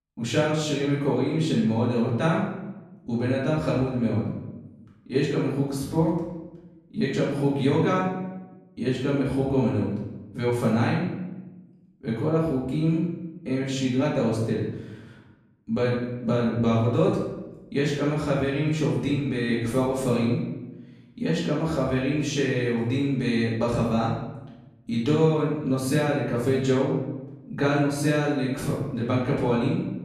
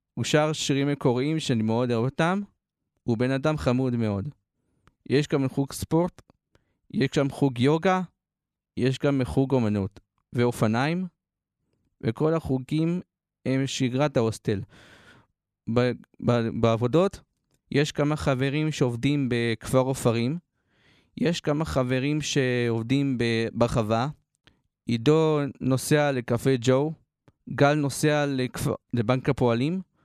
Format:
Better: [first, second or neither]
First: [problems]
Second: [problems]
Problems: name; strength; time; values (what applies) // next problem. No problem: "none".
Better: second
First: room echo; noticeable; dies away in 0.9 s // off-mic speech; far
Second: none